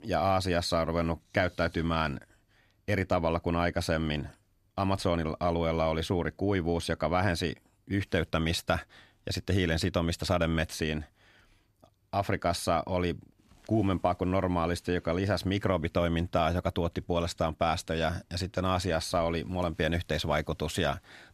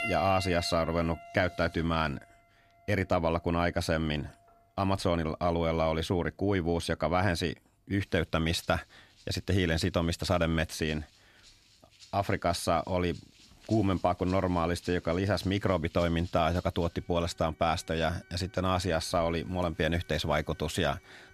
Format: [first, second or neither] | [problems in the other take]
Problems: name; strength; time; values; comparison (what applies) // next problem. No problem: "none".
first | background music; faint; throughout; 20 dB below the speech